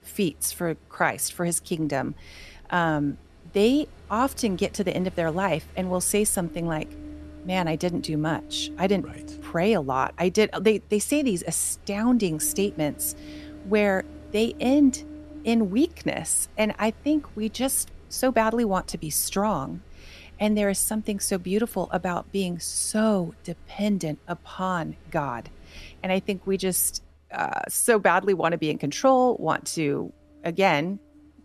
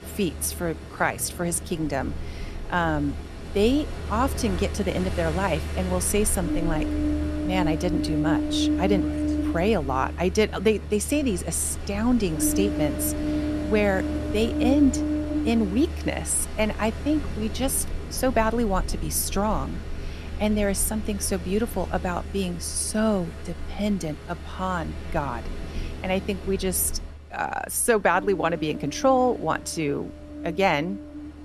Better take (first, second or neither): first